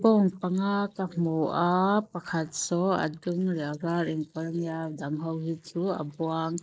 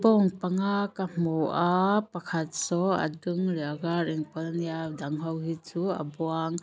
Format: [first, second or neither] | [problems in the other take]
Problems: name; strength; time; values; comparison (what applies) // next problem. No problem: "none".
second | noise reduction (neural mask model Resemble Enhance denoiser)